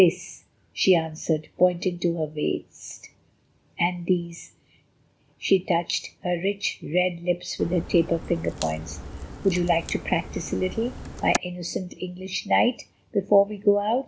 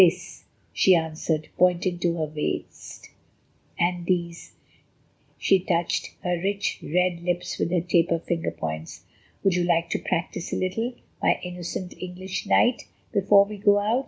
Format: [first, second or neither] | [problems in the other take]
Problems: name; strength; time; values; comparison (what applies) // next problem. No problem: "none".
second | background sound (Crack); 10 dB below the speech